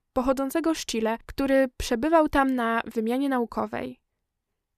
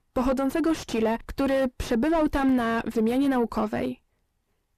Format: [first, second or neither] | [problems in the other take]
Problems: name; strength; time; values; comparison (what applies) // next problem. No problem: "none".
first | distortion; heavy; 5 dB below the speech